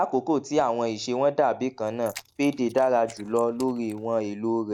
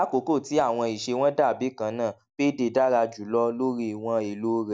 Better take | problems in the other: second | noise reduction (neural mask model Resemble Enhance denoiser)

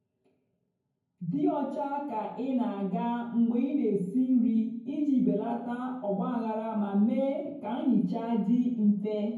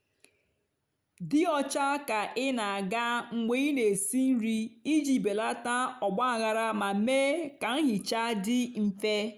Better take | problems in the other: second | room echo; dies away in 0.9 s

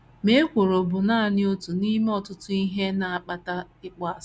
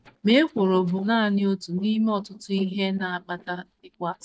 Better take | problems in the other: first | noise reduction (neural mask model DeepFilterNet 3)

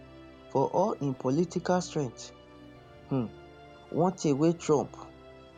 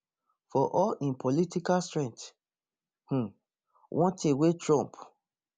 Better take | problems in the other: second | background sound (Musical instrument); 20 dB below the speech

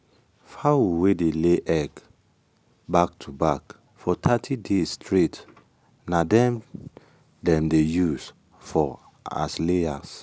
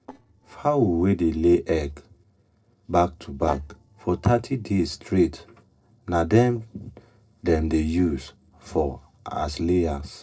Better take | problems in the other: first | noise reduction (neural separator model SepFormer DNS4)

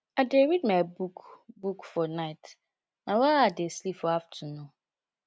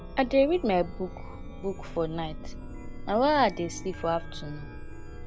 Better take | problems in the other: first | background sound (Chime); 9 dB below the speech

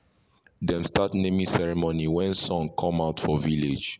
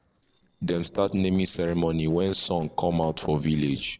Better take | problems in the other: first | noise reduction (neural separator model SepFormer DNS4)

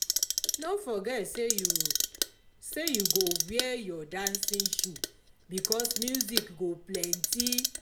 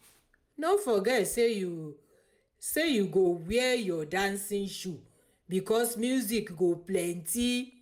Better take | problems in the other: second | background sound (Clock); 3 dB above the speech

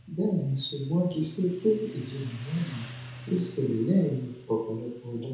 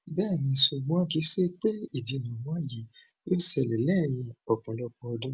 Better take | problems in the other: second | background sound (Motorcycle); 17 dB below the speech // room echo; dies away in 0.8 s

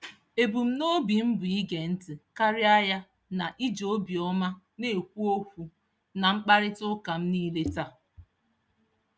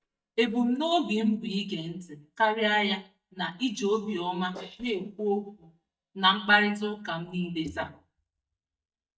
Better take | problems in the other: first | noise reduction (neural mask model DeepFilterNet 3)

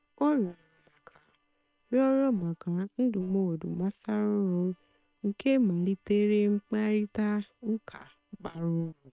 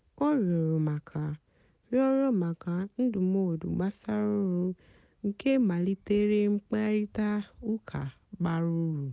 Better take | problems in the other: second | noise reduction (neural separator model SepFormer WHAM!)

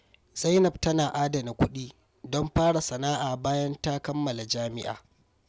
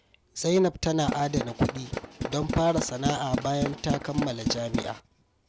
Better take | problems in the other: first | background sound (Tools); 3 dB below the speech

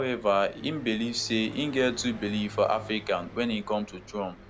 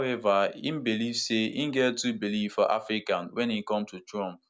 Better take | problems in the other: second | background sound (Car passing by); 16 dB below the speech

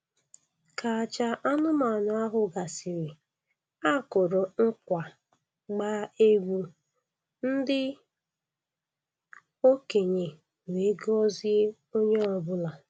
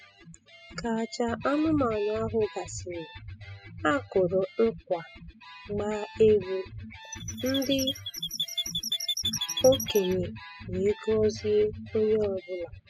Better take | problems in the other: first | noise reduction (classical method spectral subtraction)

